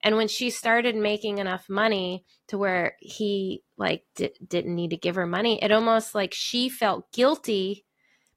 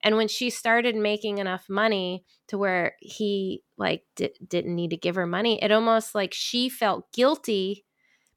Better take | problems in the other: second | garbled, watery; slightly; nothing above 13.5 kHz

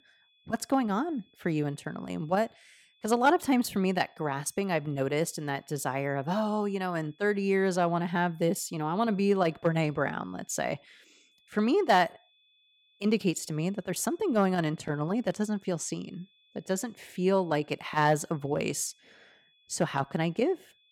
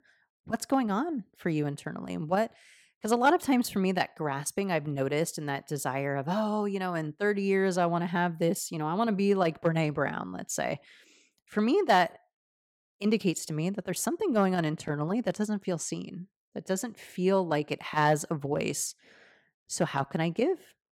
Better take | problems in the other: second | high-pitched whine; faint; throughout; 3.5 kHz, 35 dB below the speech

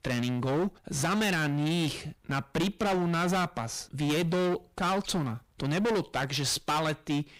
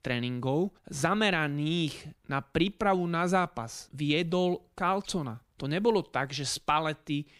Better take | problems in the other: second | distortion; heavy; 24% of the sound clipped

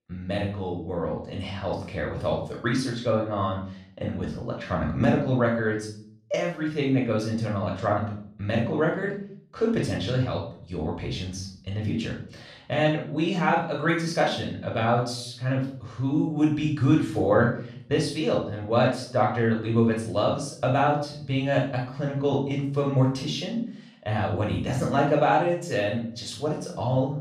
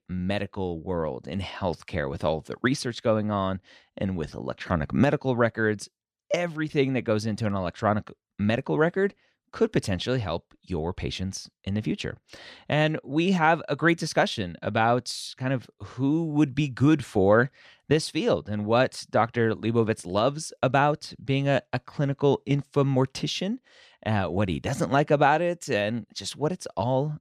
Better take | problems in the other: second | off-mic speech; far // room echo; noticeable; dies away in 0.5 s

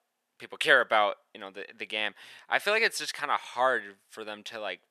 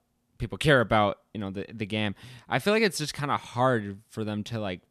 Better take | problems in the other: second | thin; very; fading below 600 Hz

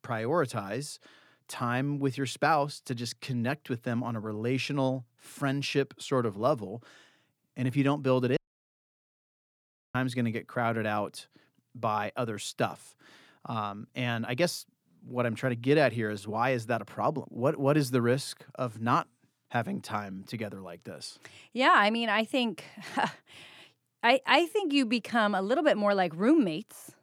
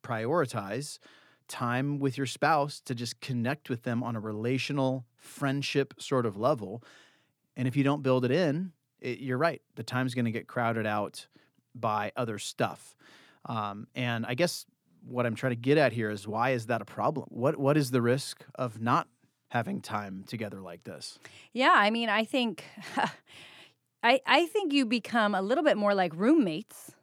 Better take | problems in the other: second | audio cutting out; at 8.5 s for 1.5 s

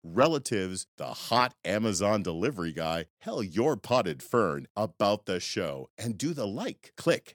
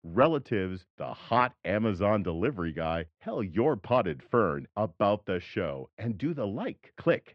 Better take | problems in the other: first | muffled; very; fading above 2.5 kHz

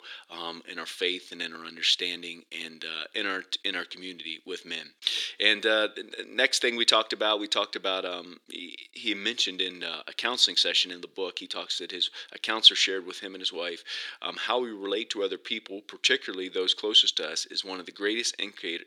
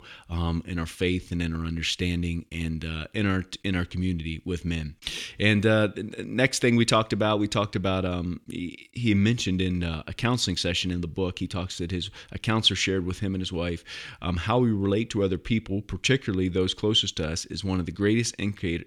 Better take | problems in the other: second | thin; very; fading below 350 Hz

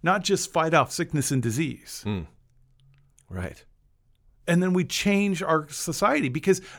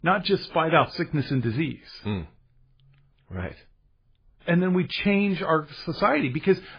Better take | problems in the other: first | garbled, watery; badly

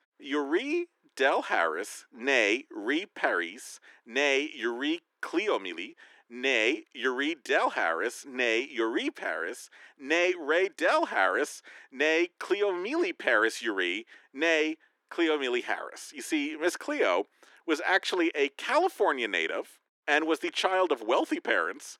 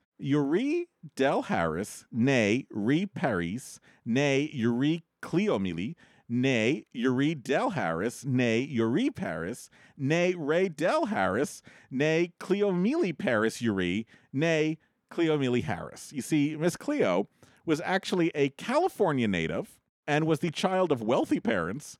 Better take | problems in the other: second | thin; somewhat; fading below 300 Hz

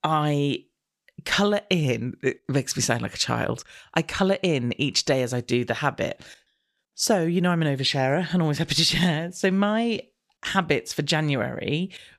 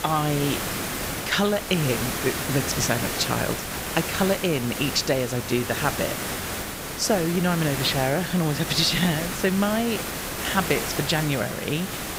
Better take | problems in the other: first | hiss; loud; throughout; 4 dB below the speech

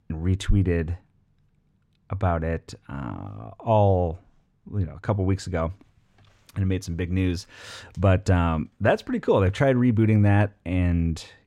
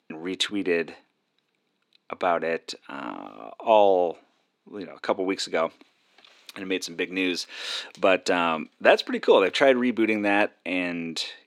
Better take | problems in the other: first | thin; somewhat; fading below 300 Hz

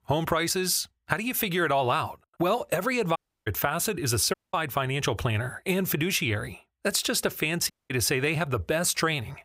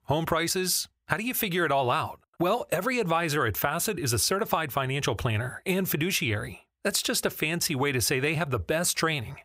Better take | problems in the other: second | audio cutting out; at 3 s, at 4.5 s and at 7.5 s

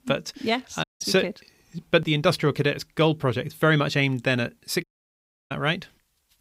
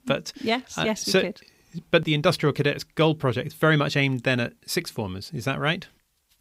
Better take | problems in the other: second | audio cutting out; at 1 s and at 5 s for 0.5 s

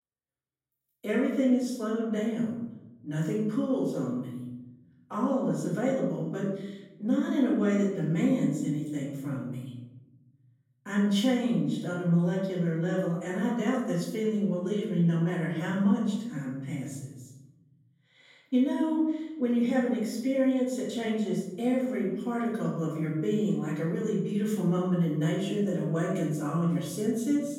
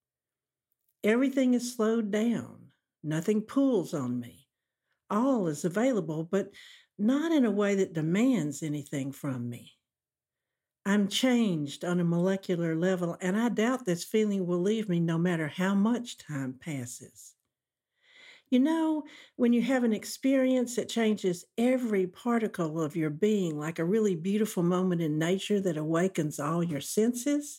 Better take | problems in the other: second | room echo; noticeable; dies away in 1.1 s // off-mic speech; far

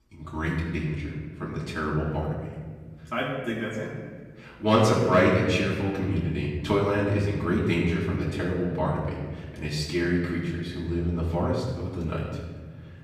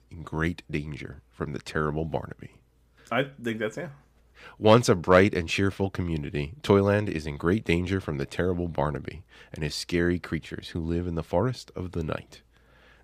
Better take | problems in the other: second | off-mic speech; far // room echo; noticeable; dies away in 1.6 s

